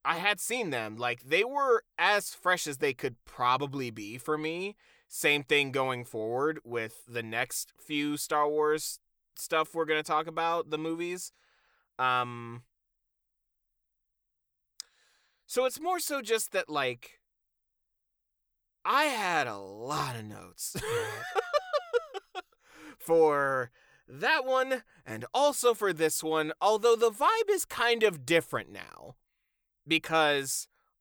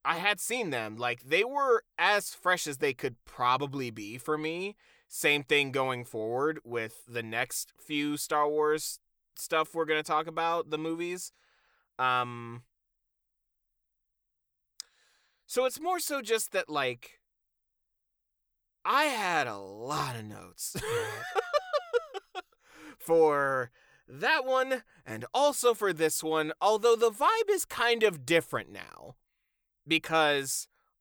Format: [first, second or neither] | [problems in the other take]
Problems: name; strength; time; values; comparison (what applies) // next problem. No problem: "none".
neither | none